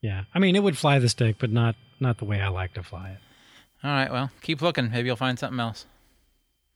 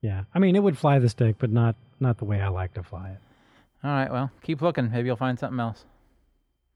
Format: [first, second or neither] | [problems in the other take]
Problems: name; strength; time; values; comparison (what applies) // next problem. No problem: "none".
first | muffled; slightly; fading above 2 kHz